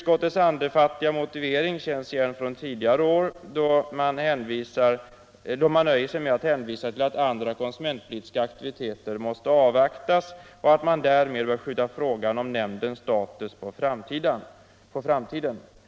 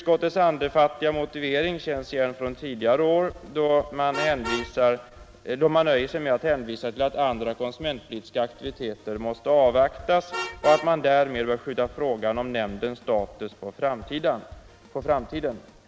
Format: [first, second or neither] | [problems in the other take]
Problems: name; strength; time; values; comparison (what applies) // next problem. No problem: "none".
first | background sound (Drum kit + Vehicle horn, car horn, honking); 17 dB below the speech